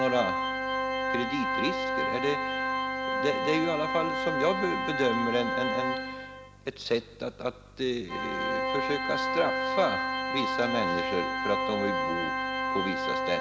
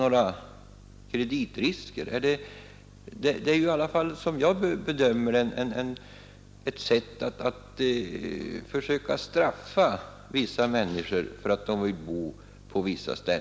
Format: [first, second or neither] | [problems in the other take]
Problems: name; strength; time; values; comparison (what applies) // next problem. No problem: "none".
second | background sound (Organ); 1 dB above the speech